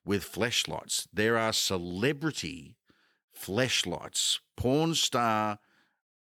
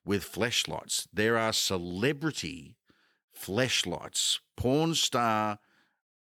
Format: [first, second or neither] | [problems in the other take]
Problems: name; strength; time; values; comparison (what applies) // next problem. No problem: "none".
neither | none